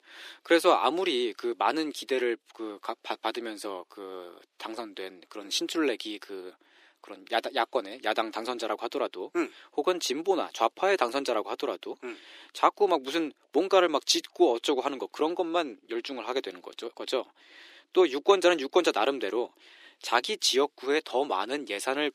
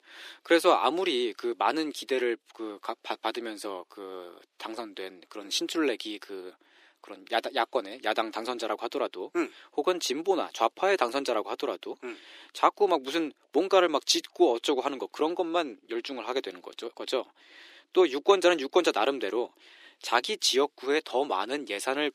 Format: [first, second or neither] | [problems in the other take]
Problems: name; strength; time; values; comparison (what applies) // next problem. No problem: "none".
neither | thin; very; fading below 350 Hz; the same in both